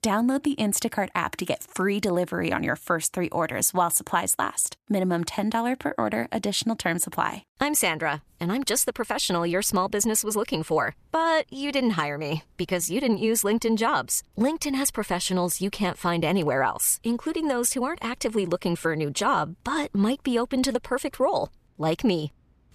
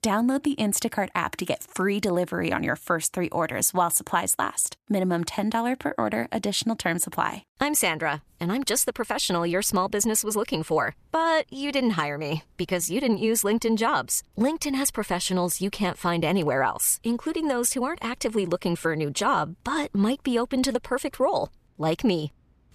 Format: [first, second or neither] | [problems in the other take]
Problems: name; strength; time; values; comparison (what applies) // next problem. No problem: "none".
neither | none